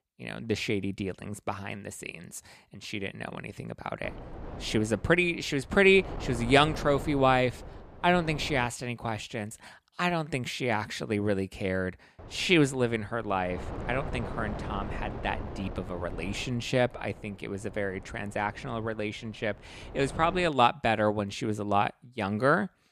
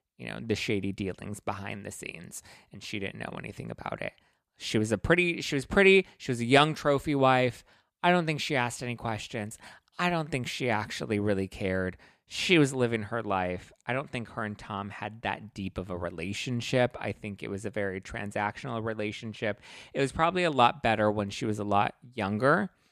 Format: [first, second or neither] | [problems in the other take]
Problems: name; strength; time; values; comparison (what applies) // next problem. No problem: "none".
second | wind noise on the microphone; occasional gusts; from 4 to 8.5 s and from 12 to 20 s; 15 dB below the speech